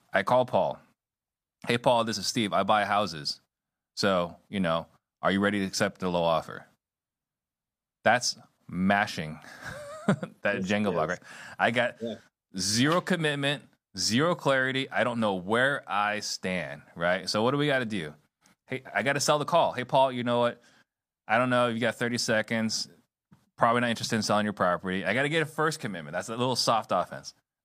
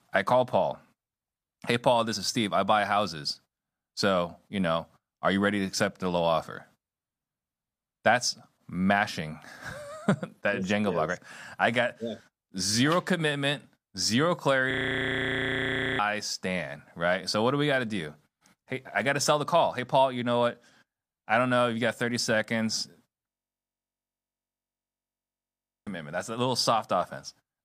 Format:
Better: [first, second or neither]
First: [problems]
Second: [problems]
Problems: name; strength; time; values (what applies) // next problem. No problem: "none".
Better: first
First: none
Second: audio freezing; at 15 s for 1.5 s and at 23 s for 2.5 s